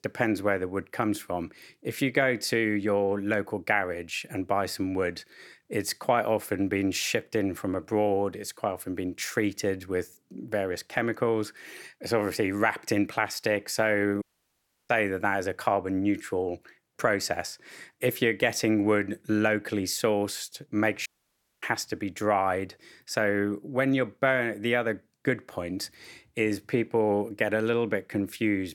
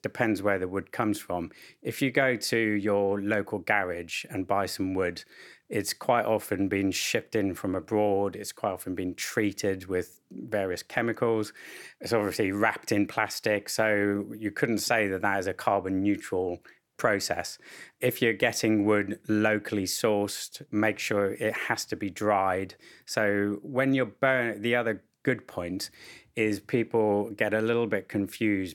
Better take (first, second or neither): second